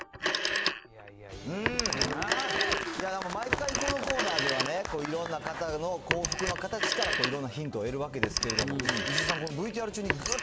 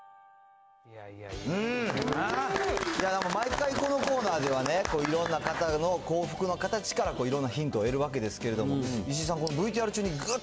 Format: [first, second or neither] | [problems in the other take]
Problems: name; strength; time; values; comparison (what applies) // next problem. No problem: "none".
second | background sound (Telephone); 1 dB above the speech